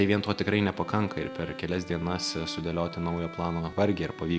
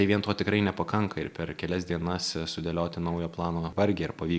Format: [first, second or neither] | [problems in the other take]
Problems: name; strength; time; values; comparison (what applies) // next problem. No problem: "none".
second | background sound (Bowed string instrument); 14 dB below the speech